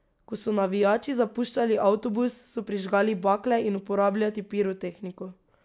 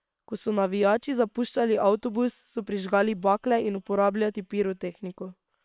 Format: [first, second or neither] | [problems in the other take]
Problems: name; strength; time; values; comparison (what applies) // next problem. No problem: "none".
first | noise reduction (neural separator model SepFormer WHAM!)